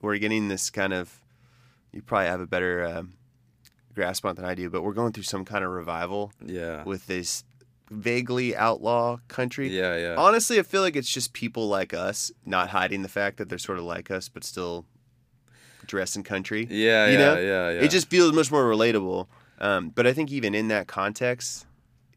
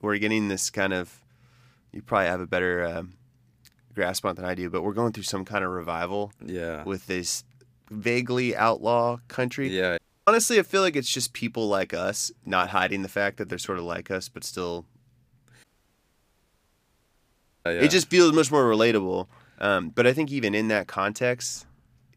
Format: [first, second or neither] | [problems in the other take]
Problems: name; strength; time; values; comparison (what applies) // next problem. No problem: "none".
first | audio cutting out; at 10 s and at 16 s for 2 s